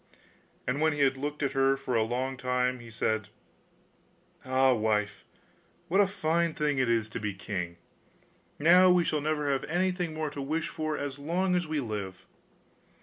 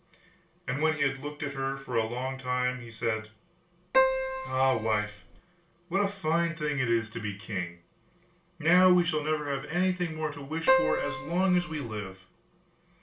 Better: first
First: none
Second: background sound (Keyboard (musical)); 1 dB above the speech // room echo; dies away in 0.2 s

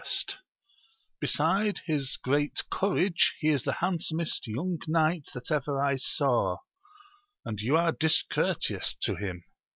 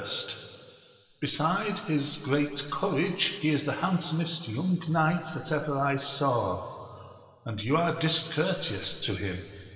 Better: first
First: none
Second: room echo; dies away in 2.3 s

